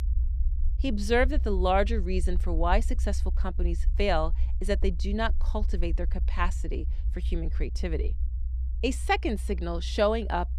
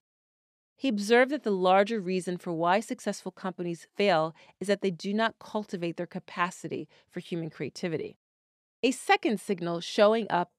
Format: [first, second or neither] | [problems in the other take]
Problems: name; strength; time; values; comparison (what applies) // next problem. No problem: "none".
second | low rumble; faint; throughout; 20 dB below the speech